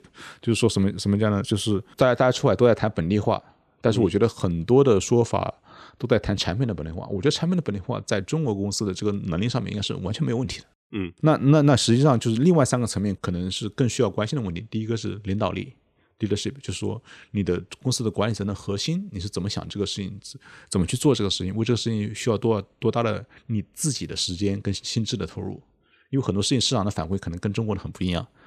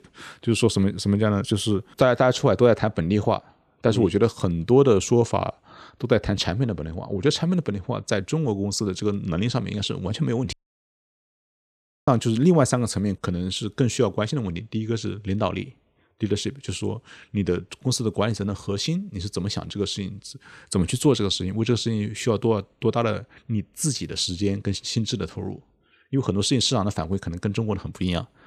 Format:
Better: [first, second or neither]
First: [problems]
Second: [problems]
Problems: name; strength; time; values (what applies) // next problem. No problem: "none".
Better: first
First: none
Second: audio cutting out; at 11 s for 1.5 s